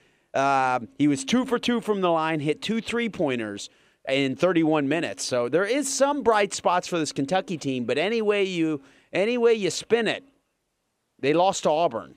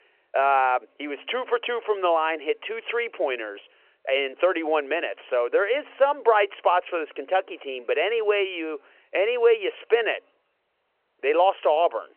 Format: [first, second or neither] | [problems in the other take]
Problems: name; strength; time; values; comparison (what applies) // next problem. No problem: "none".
first | phone-call audio; nothing above 3 kHz